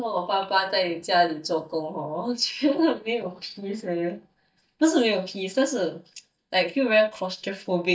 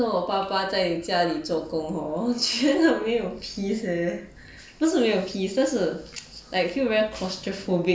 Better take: second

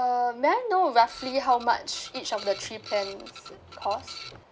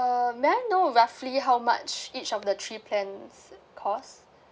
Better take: second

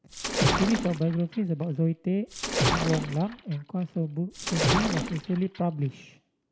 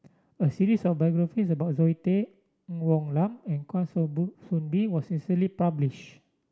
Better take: second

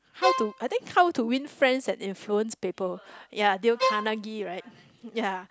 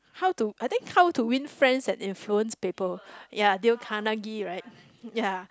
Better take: second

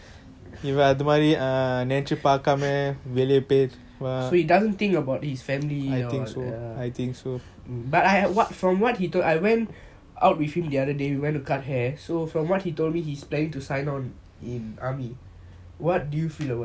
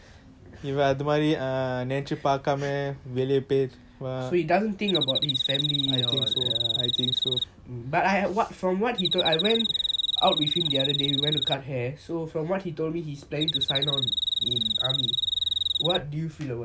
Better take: first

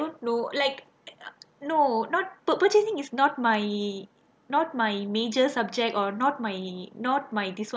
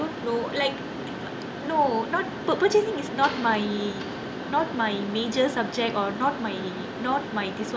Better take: first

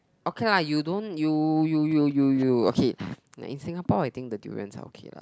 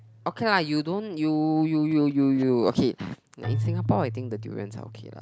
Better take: first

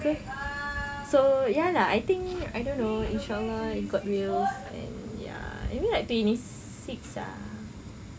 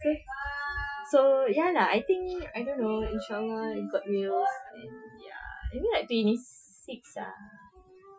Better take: first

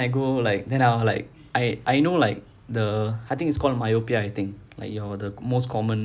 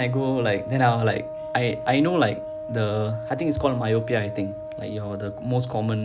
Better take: first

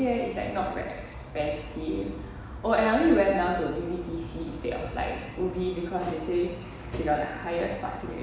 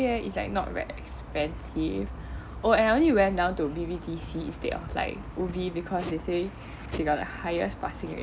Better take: second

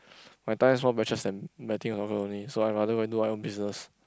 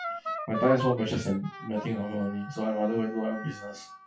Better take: first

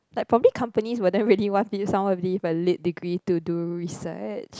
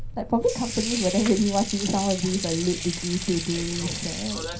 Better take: first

